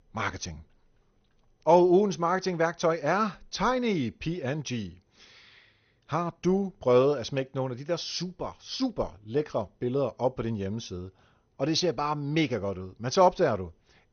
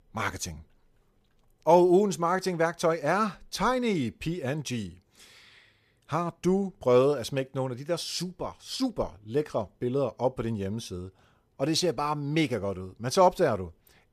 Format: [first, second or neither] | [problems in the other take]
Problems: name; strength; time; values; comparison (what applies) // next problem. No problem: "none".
second | garbled, watery; slightly; nothing above 6.5 kHz